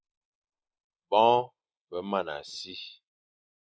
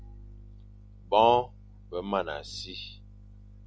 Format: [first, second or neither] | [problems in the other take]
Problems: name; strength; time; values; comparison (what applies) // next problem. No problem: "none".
second | noise reduction (neural mask model Resemble Enhance denoiser)